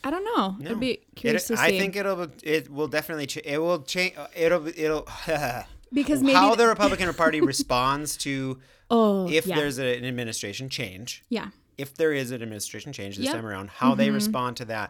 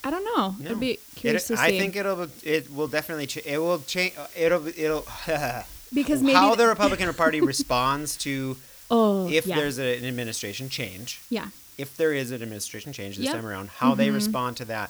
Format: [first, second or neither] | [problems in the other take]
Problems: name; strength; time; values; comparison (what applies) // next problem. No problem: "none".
first | hiss; noticeable; throughout; 20 dB below the speech